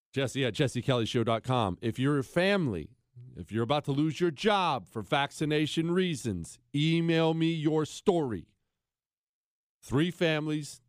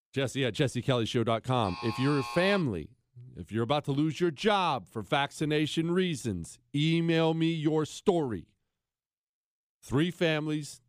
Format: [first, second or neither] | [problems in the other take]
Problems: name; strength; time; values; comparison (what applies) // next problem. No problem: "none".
first | alarm; noticeable; at 1.5 s; peak 8 dB below the speech